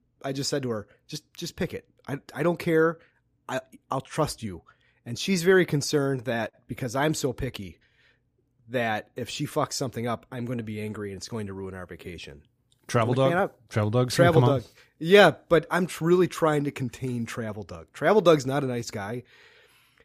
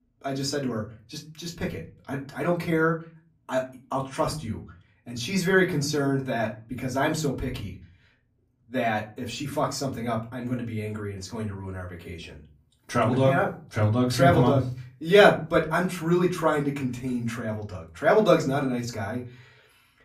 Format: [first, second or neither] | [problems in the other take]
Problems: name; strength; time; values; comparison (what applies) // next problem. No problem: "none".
first | off-mic speech; far // room echo; very slight; dies away in 0.3 s